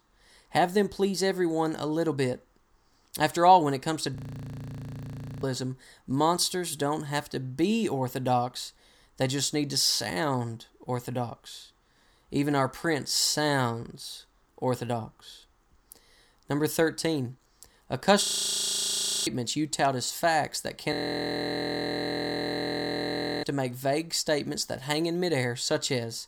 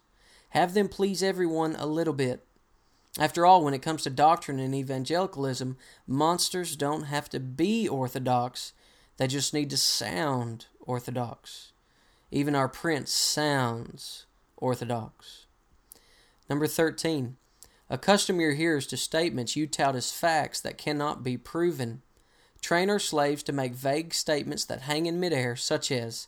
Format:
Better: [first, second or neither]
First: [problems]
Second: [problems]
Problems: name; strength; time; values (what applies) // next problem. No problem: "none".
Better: second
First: audio freezing; at 4 s for 1.5 s, at 18 s for 1 s and at 21 s for 2.5 s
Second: none